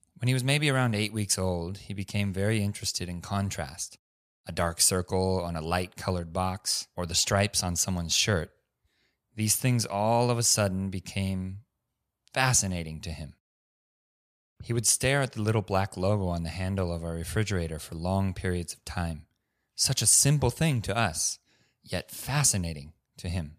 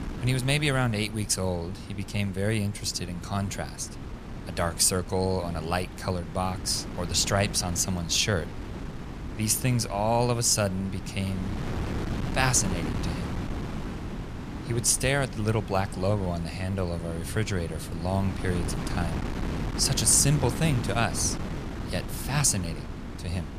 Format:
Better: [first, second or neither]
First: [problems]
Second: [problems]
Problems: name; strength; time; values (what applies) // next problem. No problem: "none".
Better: first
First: none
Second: wind noise on the microphone; occasional gusts; 10 dB below the speech